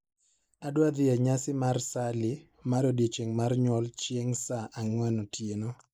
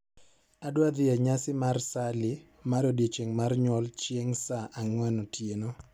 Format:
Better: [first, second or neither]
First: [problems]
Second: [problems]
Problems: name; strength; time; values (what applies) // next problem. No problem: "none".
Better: second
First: noise reduction (neural mask model Resemble Enhance denoiser)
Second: none